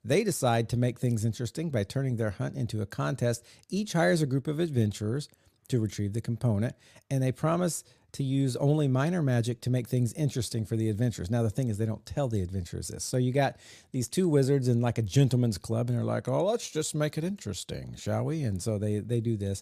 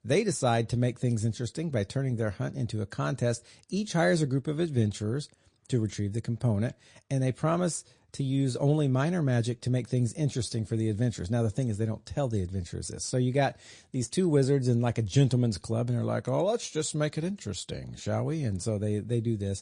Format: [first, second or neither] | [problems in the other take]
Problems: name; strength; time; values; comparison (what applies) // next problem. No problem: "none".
first | garbled, watery; slightly; nothing above 9 kHz